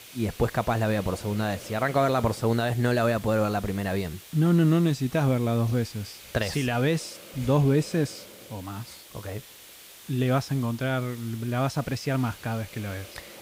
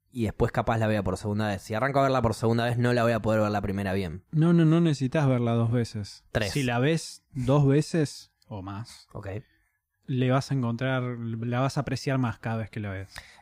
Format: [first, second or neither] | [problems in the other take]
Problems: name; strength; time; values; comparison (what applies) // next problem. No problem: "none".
second | hiss; noticeable; throughout; 20 dB below the speech